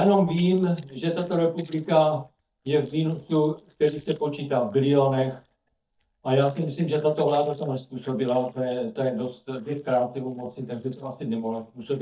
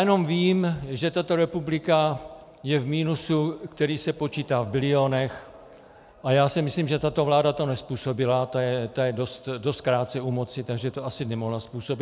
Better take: second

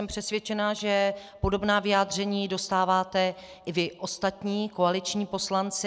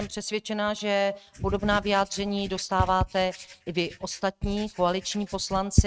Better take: first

